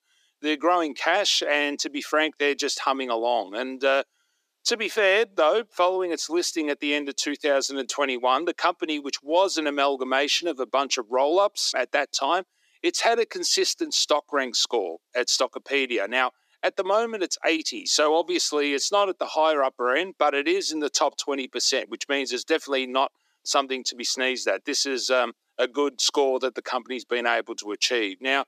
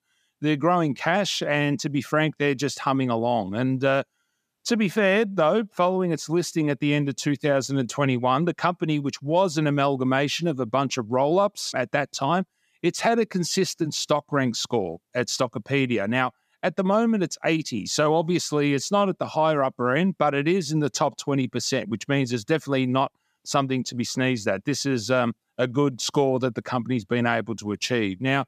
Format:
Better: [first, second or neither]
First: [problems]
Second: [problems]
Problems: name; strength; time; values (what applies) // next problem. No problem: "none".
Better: second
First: thin; somewhat; fading below 300 Hz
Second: none